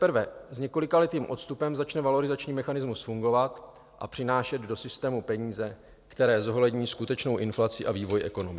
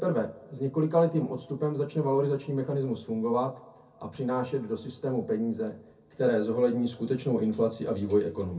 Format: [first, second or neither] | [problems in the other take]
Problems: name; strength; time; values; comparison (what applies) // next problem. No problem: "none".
first | room echo; dies away in 0.3 s